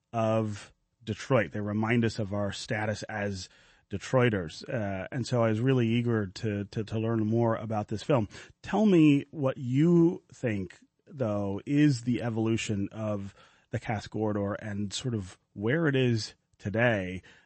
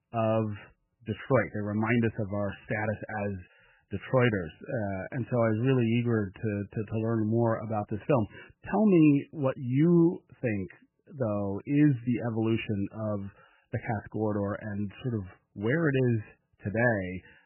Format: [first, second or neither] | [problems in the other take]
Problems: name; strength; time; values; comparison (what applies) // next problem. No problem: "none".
first | garbled, watery; badly; nothing above 3 kHz; slightly in the first